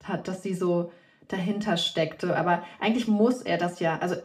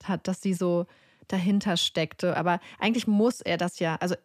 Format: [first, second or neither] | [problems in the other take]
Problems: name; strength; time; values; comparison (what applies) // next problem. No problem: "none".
second | room echo; very slight; dies away in 0.3 s // off-mic speech; far